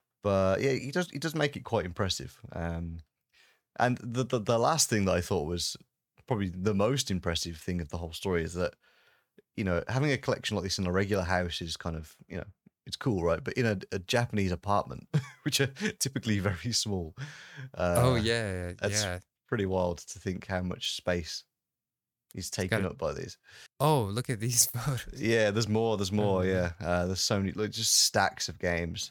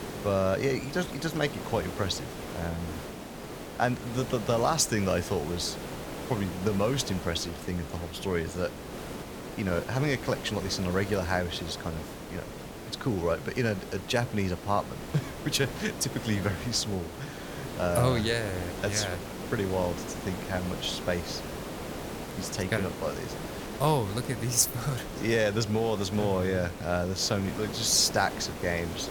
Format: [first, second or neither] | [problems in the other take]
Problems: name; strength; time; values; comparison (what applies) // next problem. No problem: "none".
first | hiss; loud; throughout; 9 dB below the speech